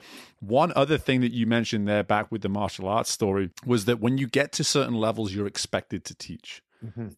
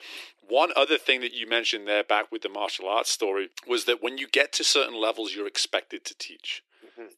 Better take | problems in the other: first | thin; very; fading below 300 Hz

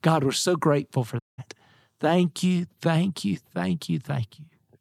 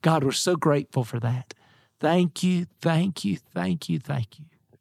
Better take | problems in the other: second | audio cutting out; at 1 s

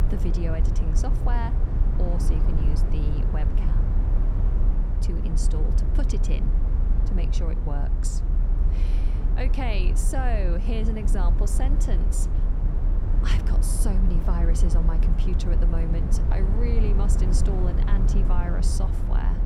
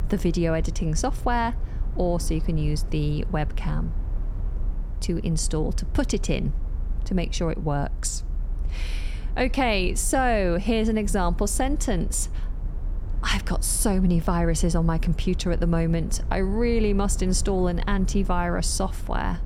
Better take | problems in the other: second | low rumble; loud; throughout; 4 dB below the speech; faint in the second

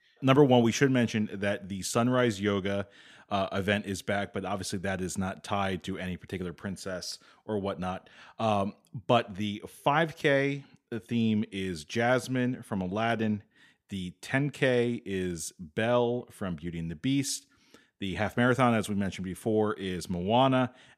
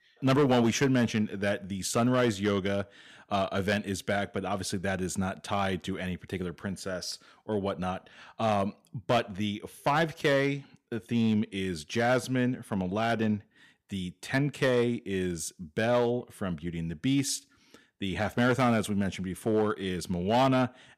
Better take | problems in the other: first | distortion; slight; 3% of the sound clipped

